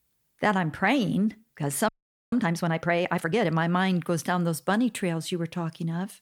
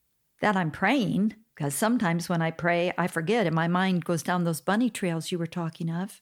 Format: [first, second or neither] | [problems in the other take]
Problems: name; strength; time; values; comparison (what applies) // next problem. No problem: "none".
second | audio freezing; at 2 s